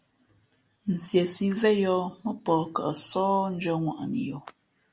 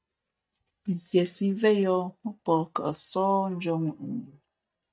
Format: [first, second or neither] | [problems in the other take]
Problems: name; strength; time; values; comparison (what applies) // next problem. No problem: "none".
first | noise reduction (neural mask model DeepFilterNet 3)